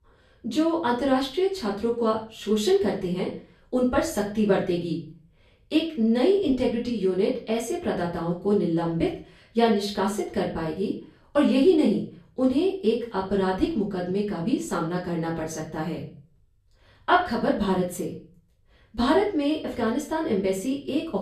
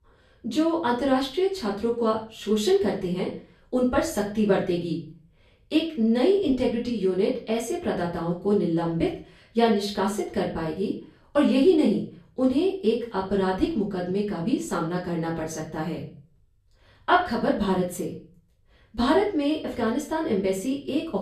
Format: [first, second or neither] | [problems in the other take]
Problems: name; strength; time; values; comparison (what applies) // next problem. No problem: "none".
neither | room echo; slight; dies away in 0.4 s; the same in both // off-mic speech; far; the same in both